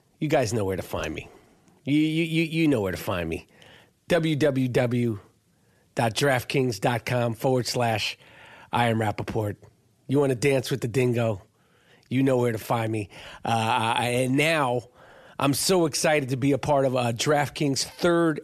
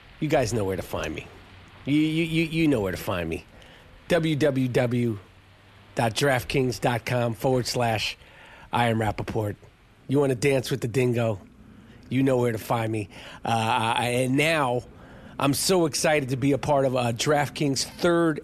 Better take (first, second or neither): first